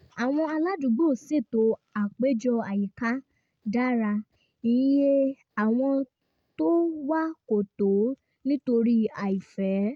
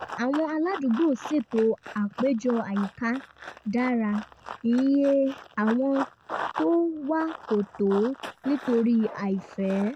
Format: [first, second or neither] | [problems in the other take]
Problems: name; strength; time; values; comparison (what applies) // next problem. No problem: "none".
first | background sound (Run); 14 dB below the speech